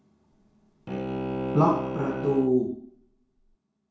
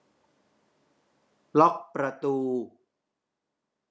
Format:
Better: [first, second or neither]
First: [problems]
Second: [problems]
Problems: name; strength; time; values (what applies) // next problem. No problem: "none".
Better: second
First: background sound (Bowed string instrument); 5 dB below the speech // room echo; dies away in 0.6 s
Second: none